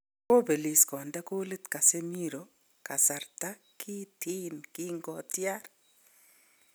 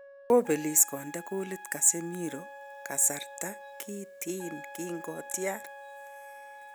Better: first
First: none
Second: background sound (Trumpet + Wind instrument, woodwind instrument); 15 dB below the speech

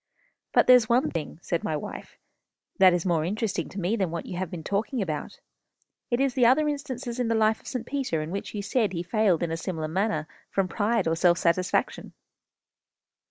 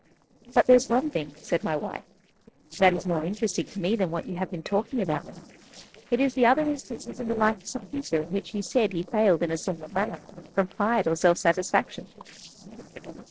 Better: first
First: none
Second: noise reduction (neural separator model SepFormer DNS4)

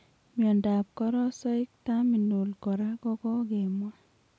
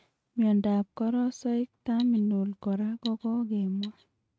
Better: first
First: none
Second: noise reduction (neural mask model RNNoise)

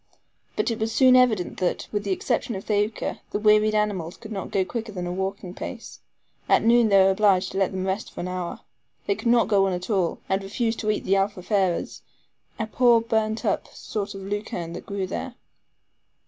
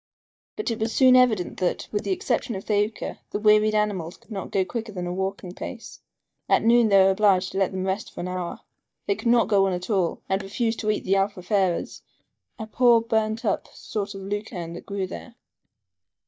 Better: first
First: none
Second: noise reduction (neural mask model DeepFilterNet 3)

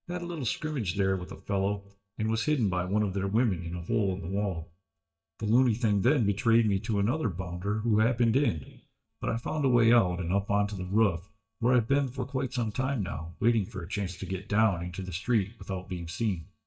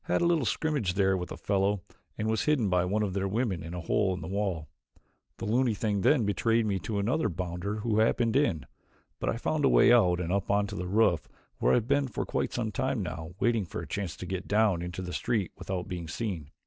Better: second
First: noise reduction (neural mask model DeepFilterNet 3)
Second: none

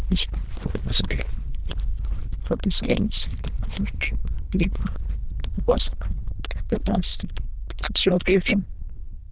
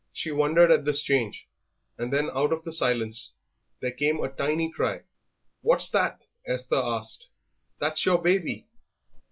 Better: second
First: noise reduction (neural diffusion model UNIVERSE++)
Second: none

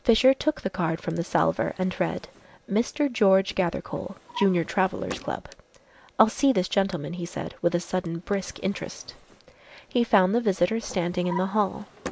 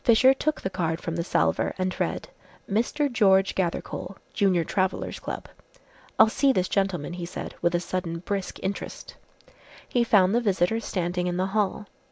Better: second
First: background sound (Drawer open or close); 19 dB below the speech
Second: none

